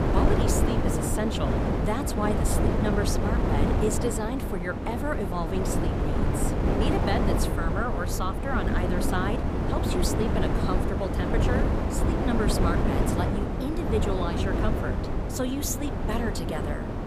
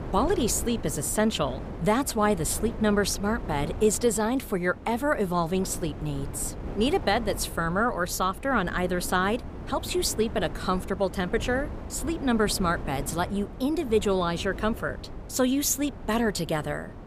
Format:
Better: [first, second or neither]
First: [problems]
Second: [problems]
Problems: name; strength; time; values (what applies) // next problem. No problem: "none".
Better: second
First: wind noise on the microphone; heavy; 1 dB above the speech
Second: wind noise on the microphone; occasional gusts; 15 dB below the speech